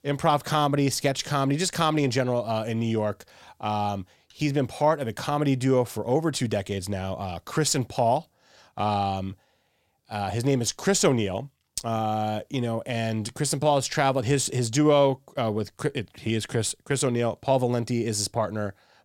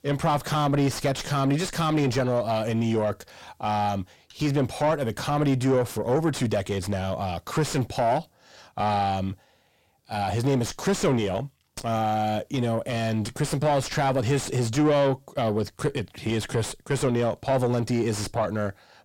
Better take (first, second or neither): first